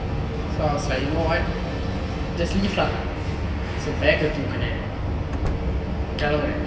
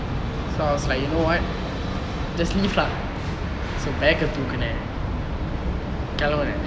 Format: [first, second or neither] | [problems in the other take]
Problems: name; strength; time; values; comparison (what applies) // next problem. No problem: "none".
second | background sound (Slam); 10 dB below the speech // room echo; dies away in 1 s